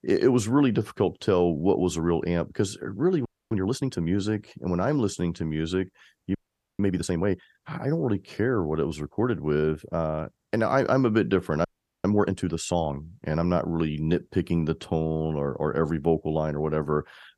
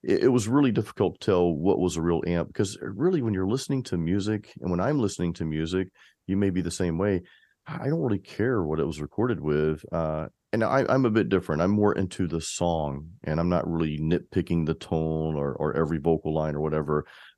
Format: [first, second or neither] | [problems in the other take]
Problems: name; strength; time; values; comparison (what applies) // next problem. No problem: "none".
second | audio freezing; at 3.5 s, at 6.5 s and at 12 s